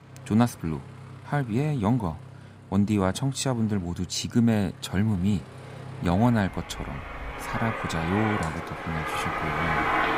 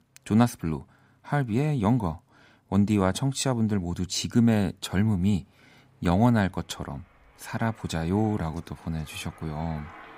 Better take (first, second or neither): second